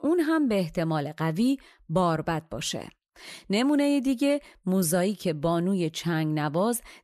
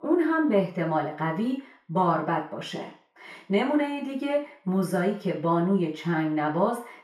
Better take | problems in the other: first | room echo; slight; dies away in 0.5 s // off-mic speech; far

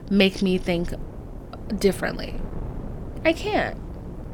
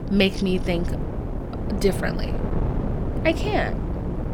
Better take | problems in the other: first | wind noise on the microphone; heavy; 9 dB below the speech; occasional gusts in the first

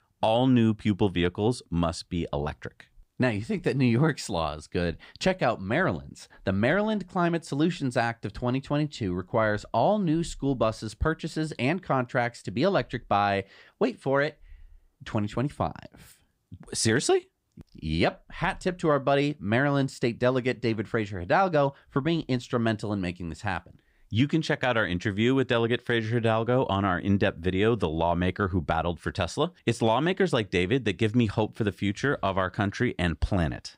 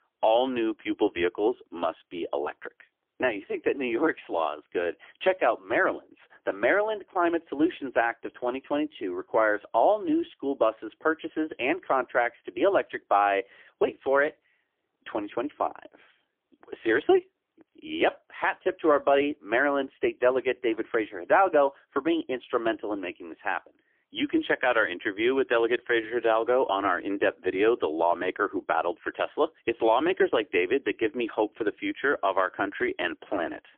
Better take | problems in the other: first | phone-call audio; poor line; nothing above 3.5 kHz

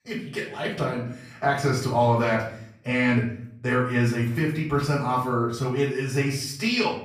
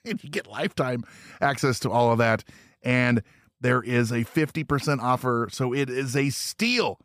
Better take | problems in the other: second | room echo; noticeable; dies away in 0.5 s // off-mic speech; far

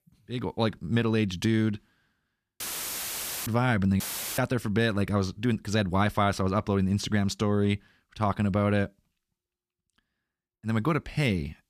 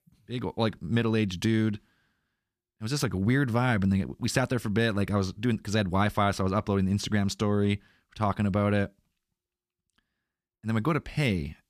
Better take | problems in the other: second | audio cutting out; filled with static; at 2.5 s for 1 s and at 4 s

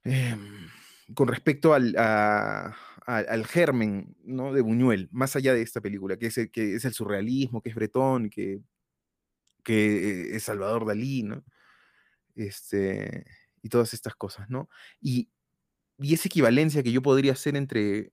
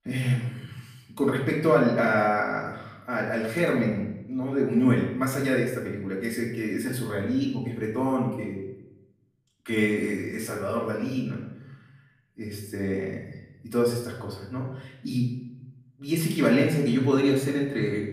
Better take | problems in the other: first | room echo; noticeable; dies away in 0.7 s // off-mic speech; far

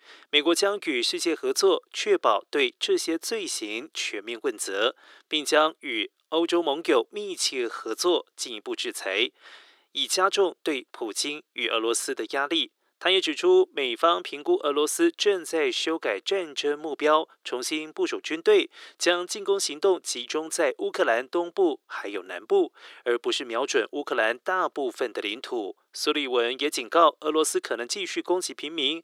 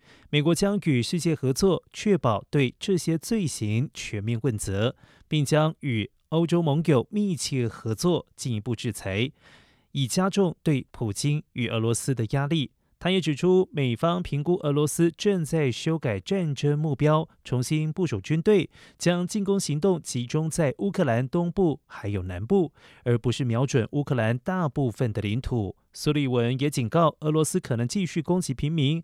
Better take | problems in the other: second | thin; very; fading below 350 Hz

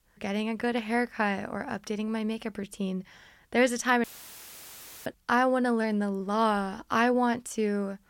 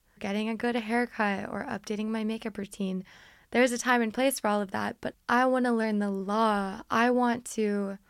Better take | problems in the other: second | audio cutting out; filled with static; at 4 s for 1 s

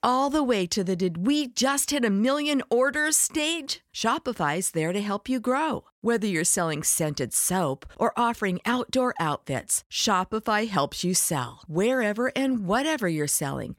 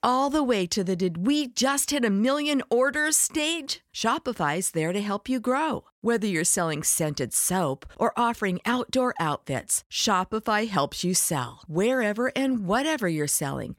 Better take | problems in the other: neither | none

